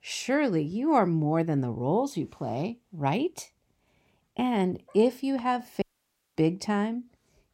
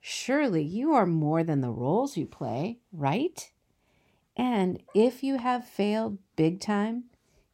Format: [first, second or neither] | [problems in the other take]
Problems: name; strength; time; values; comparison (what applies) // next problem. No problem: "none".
second | audio cutting out; at 6 s for 0.5 s